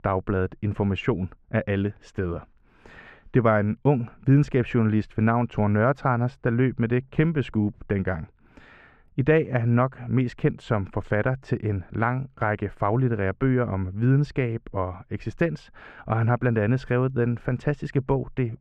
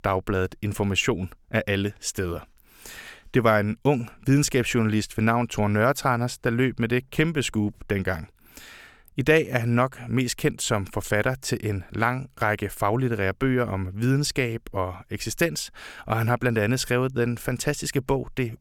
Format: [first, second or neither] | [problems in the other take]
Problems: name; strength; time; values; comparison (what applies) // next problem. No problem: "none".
second | muffled; very; fading above 1.5 kHz